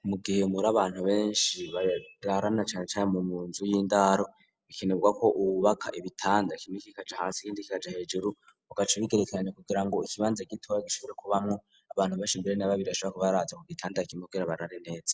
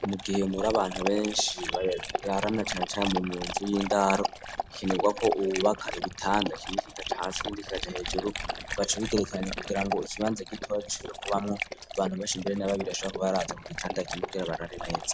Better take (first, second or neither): first